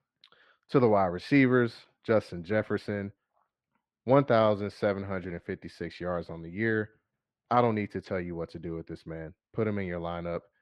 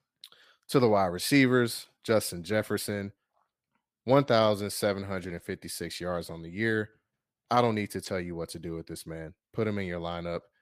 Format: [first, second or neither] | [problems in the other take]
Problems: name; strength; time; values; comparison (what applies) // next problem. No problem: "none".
second | muffled; slightly; fading above 2.5 kHz